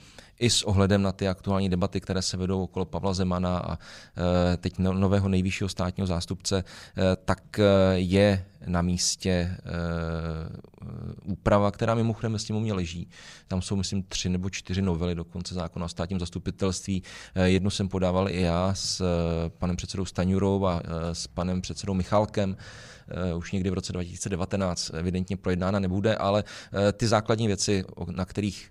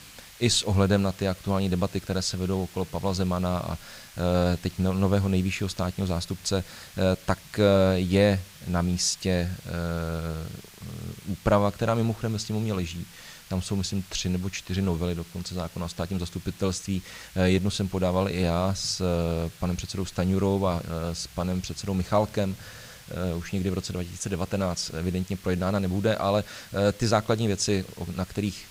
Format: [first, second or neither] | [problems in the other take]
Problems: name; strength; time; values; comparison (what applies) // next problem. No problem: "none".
first | hiss; noticeable; throughout; 20 dB below the speech